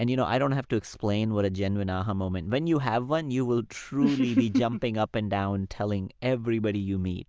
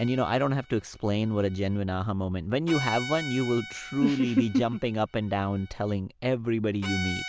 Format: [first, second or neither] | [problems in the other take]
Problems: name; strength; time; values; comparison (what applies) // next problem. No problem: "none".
first | background sound (Bowed string instrument); 14 dB below the speech